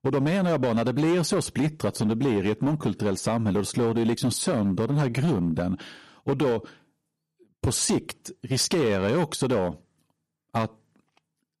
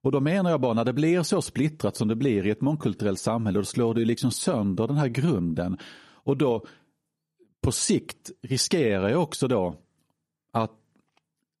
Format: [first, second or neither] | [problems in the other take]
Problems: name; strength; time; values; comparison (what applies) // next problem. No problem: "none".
second | distortion; slight; 10% of the sound clipped